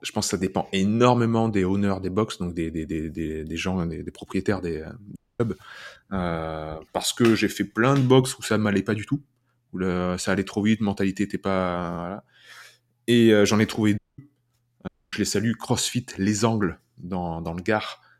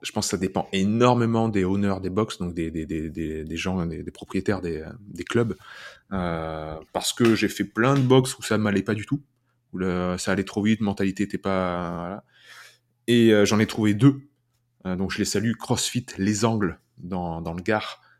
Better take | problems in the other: second | audio cutting out; at 5 s, at 14 s and at 15 s

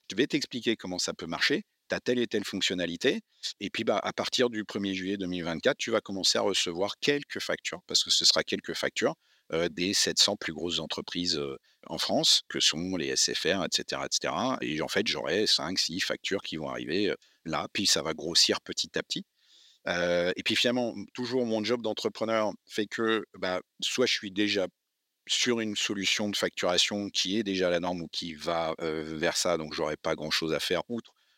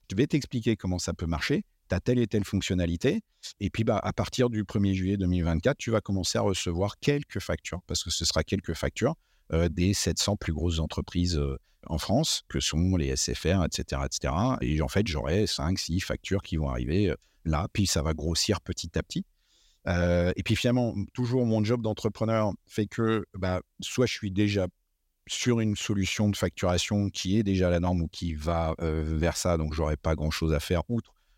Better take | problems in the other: second | thin; somewhat; fading below 300 Hz

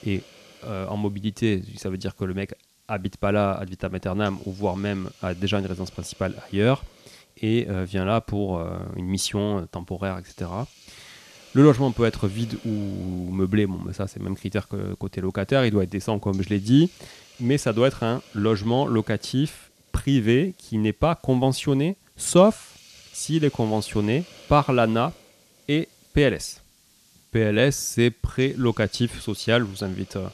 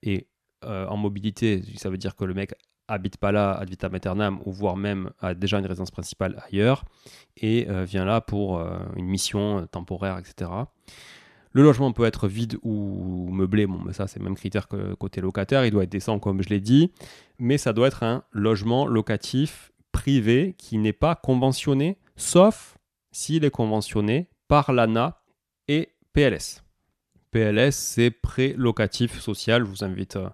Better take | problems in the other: second | hiss; faint; throughout; 25 dB below the speech

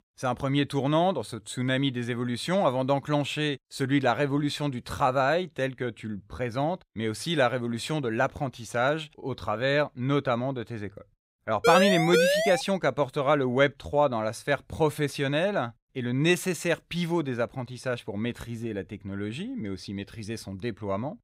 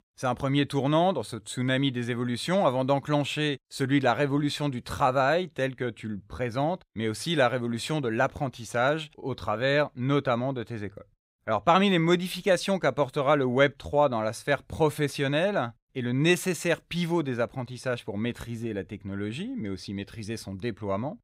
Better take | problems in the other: second | siren; loud; at 12 s; peak 5 dB above the speech

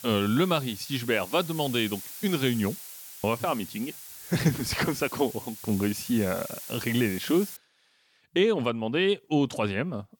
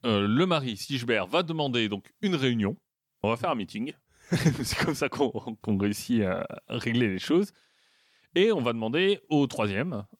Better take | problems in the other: second | hiss; noticeable; until 7.5 s; 10 dB below the speech

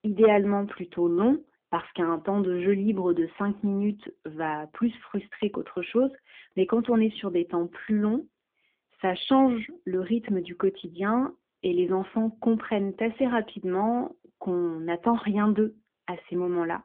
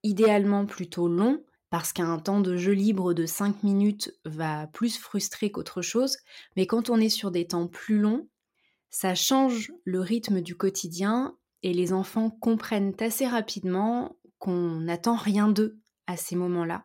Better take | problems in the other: second | phone-call audio

